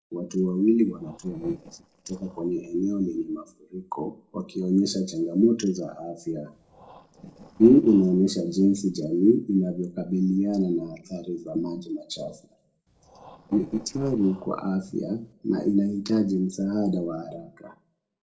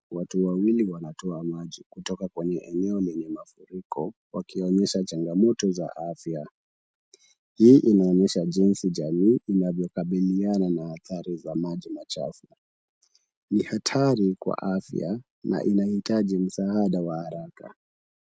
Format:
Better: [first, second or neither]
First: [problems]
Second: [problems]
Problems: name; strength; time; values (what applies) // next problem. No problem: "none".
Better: second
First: noise reduction (neural separator model SepFormer DNS4)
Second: none